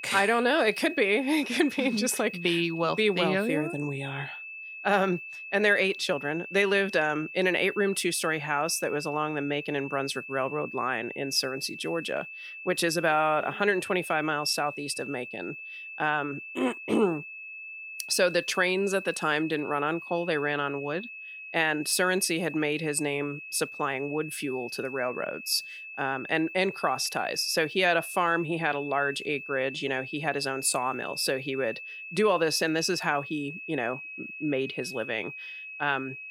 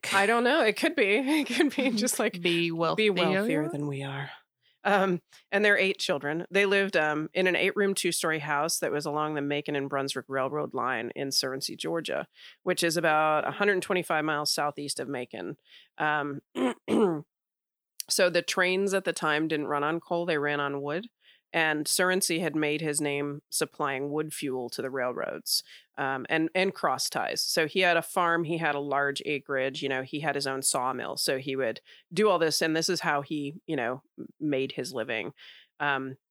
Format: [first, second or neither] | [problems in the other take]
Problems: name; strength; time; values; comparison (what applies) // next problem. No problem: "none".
second | high-pitched whine; noticeable; throughout; 2.5 kHz, 10 dB below the speech